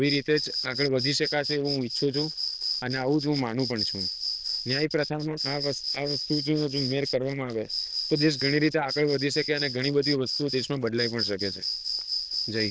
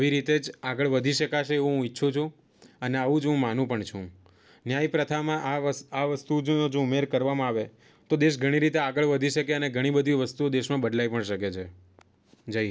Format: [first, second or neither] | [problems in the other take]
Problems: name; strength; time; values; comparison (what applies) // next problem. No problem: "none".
second | noise reduction (neural diffusion model UNIVERSE++)